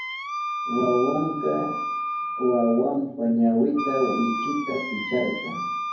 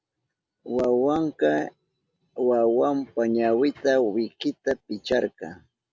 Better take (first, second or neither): second